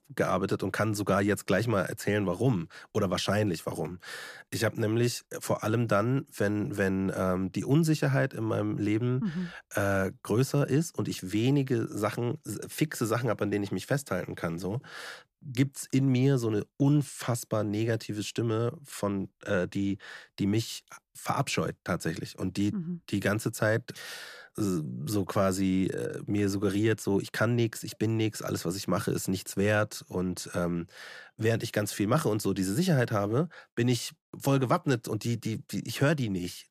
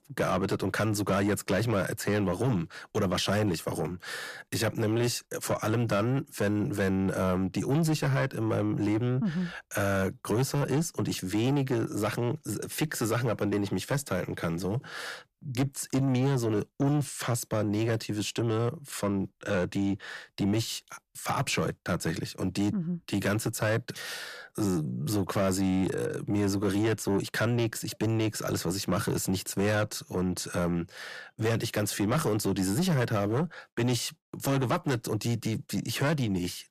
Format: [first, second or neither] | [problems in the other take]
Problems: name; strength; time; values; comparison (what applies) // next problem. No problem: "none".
first | distortion; slight; 10 dB below the speech